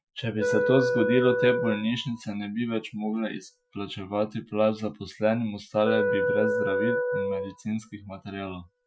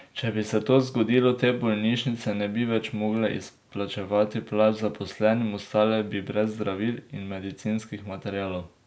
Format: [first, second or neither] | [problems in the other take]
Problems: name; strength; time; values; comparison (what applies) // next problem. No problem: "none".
second | noise reduction (classical method Wiener filter)